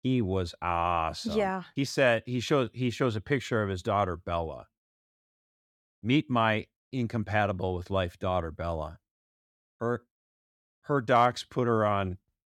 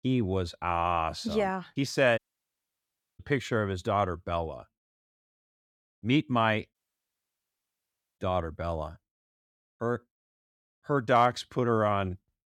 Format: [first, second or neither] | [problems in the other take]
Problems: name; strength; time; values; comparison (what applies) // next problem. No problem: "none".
first | audio cutting out; at 2 s for 1 s and at 6.5 s for 1.5 s